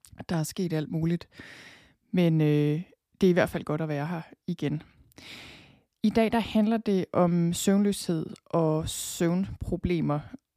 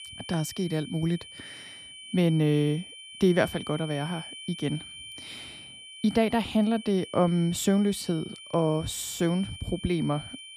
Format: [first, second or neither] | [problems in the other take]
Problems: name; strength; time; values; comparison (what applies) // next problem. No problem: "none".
first | high-pitched whine; noticeable; throughout; 3 kHz, 15 dB below the speech